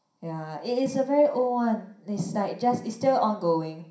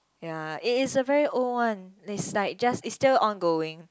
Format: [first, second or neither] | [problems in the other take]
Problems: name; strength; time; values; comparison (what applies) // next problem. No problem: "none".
second | room echo; dies away in 0.5 s